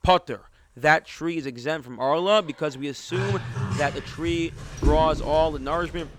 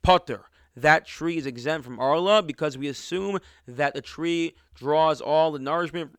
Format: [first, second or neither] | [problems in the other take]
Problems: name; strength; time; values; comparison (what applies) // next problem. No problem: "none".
second | animal sounds; loud; throughout; 6 dB below the speech